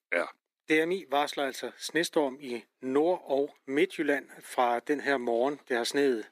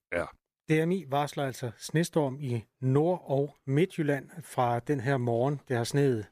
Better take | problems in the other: second | thin; somewhat; fading below 250 Hz

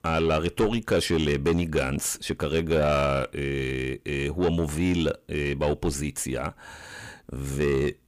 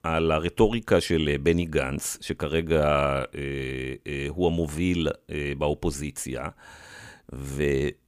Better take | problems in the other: second | distortion; slight; 10 dB below the speech

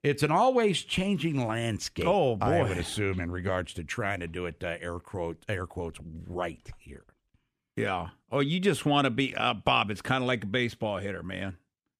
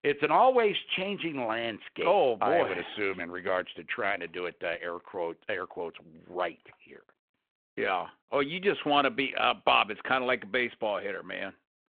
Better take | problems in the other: first | phone-call audio

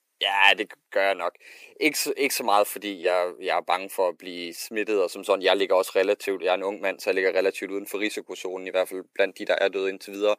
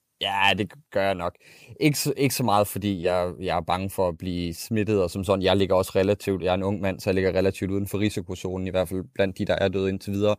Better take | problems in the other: second | thin; somewhat; fading below 350 Hz

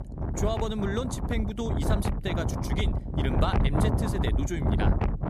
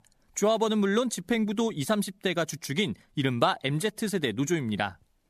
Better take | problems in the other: second | wind noise on the microphone; heavy; 1 dB below the speech

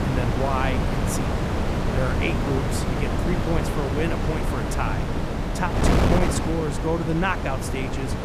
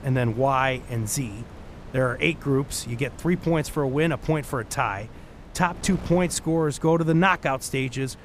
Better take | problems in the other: second | wind noise on the microphone; heavy; as loud as the speech; occasional gusts in the second

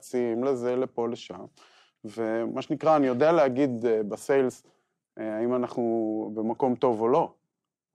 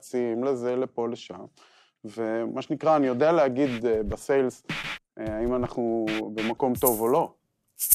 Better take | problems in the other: first | background music; loud; from 3.5 s on; 8 dB below the speech

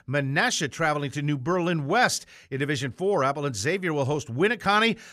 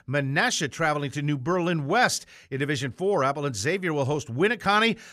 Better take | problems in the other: neither | none

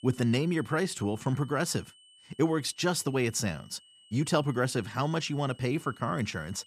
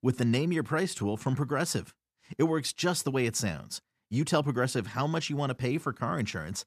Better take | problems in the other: second | high-pitched whine; faint; throughout; 3 kHz, 25 dB below the speech

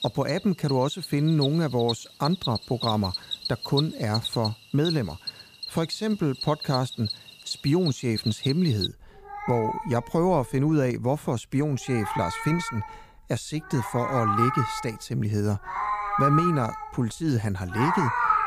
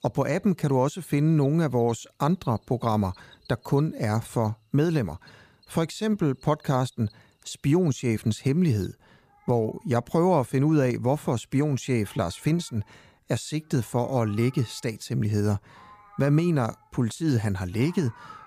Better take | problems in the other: second | animal sounds; loud; throughout; 4 dB below the speech; faint in the second

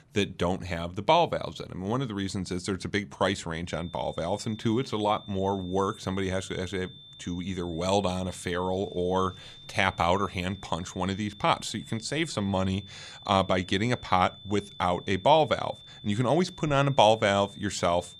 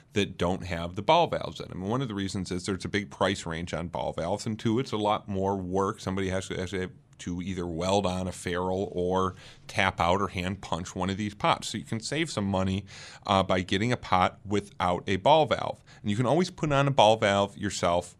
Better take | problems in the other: second | high-pitched whine; noticeable; from 3.5 s on; 3.5 kHz, 20 dB below the speech

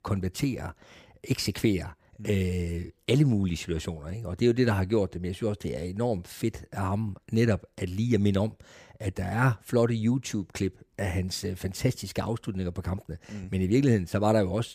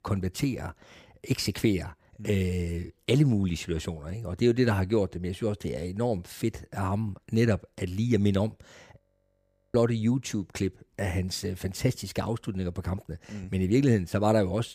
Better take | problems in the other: first | audio freezing; at 9 s for 1 s

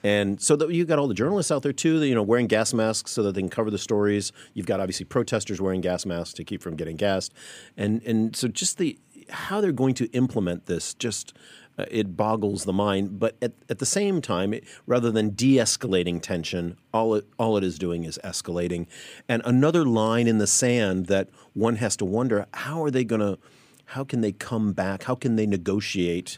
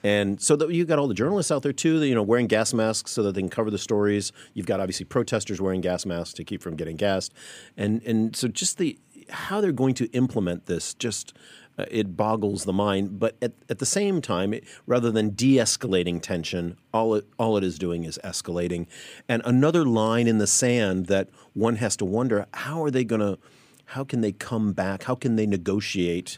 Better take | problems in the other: neither | none

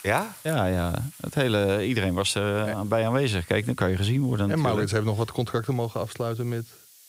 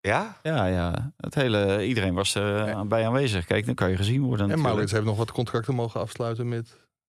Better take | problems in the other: second | hiss; faint; throughout; 20 dB below the speech

